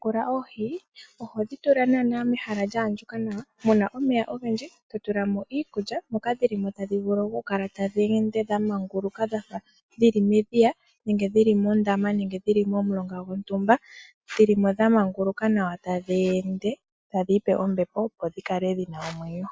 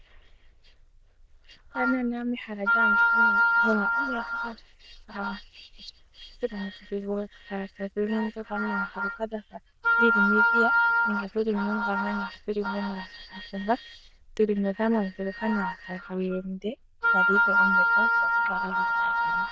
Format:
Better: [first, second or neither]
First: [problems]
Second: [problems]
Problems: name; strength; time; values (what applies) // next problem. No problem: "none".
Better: first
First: none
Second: noise reduction (neural diffusion model UNIVERSE++)